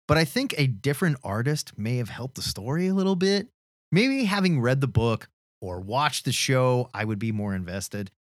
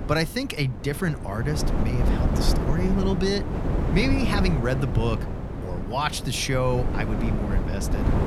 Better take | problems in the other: first | wind noise on the microphone; heavy; 5 dB below the speech

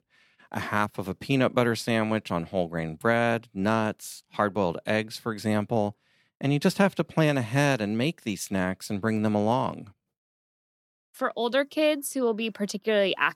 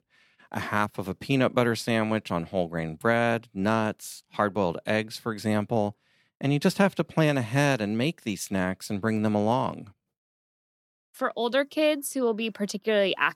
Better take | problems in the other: neither | none

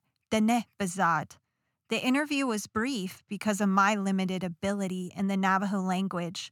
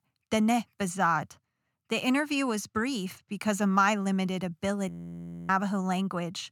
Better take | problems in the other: first | audio freezing; at 5 s for 0.5 s

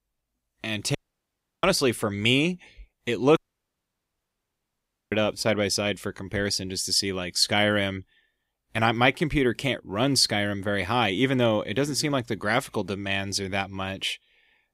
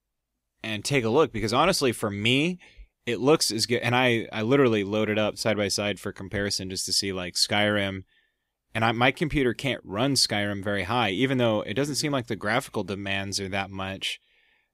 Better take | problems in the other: second | audio cutting out; at 1 s for 0.5 s and at 3.5 s for 2 s

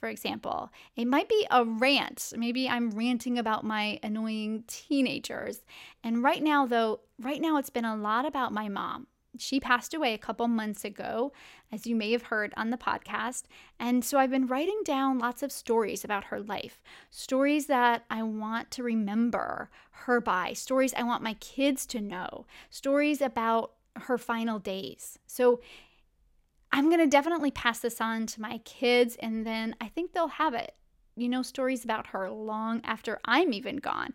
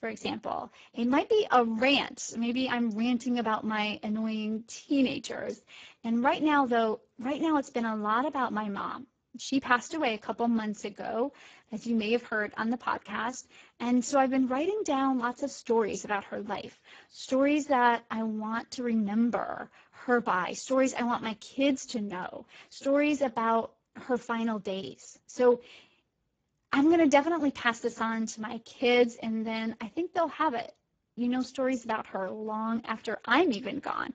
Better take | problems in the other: first | garbled, watery; badly; nothing above 7.5 kHz

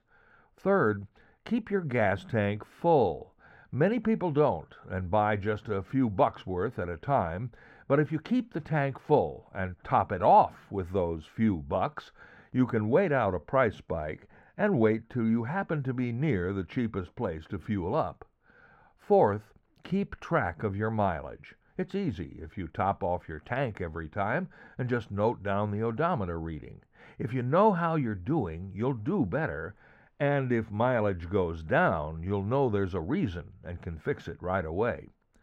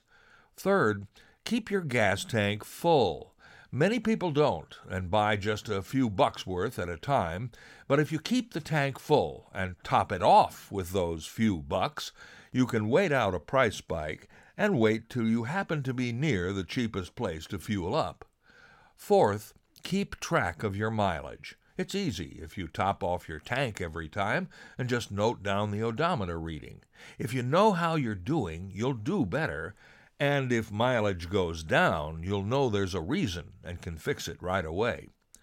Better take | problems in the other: second | muffled; very; fading above 3.5 kHz

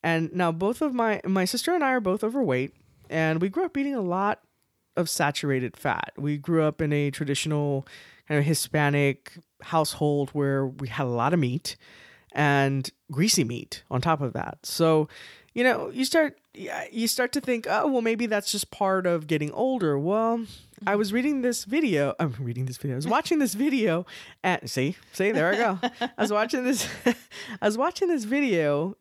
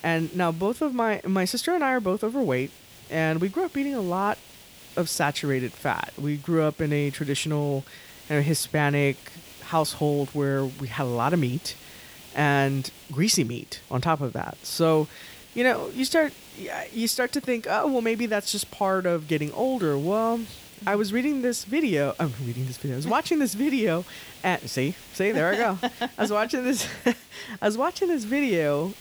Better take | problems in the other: first | hiss; faint; throughout; 20 dB below the speech

